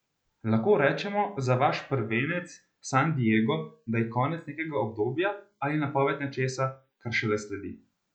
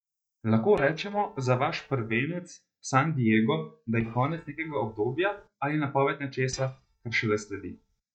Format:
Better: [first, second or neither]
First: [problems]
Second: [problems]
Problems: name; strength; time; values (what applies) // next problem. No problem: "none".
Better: first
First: none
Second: noise reduction (neural mask model DeepFilterNet 3)